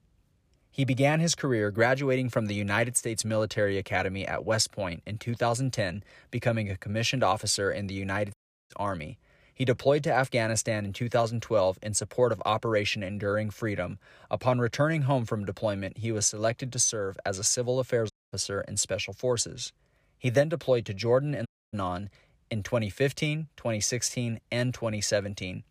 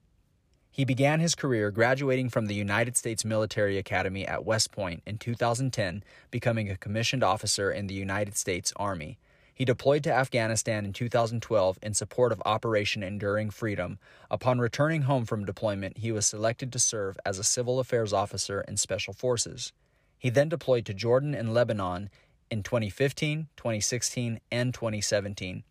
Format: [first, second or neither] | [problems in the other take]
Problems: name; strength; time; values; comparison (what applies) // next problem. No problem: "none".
second | audio cutting out; at 8.5 s, at 18 s and at 21 s